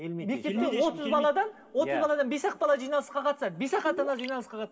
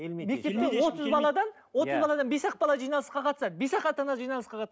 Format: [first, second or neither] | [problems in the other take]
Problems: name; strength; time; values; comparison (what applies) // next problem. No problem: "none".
second | background sound (Gurgling); 9 dB below the speech // room echo; dies away in 1.4 s